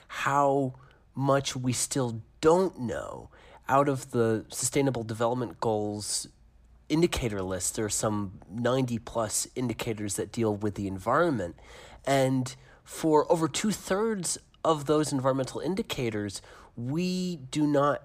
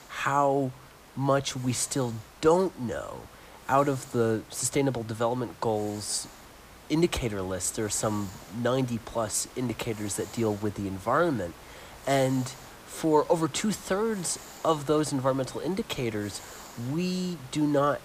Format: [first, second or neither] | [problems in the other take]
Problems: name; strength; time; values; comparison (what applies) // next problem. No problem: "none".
first | hiss; noticeable; throughout; 20 dB below the speech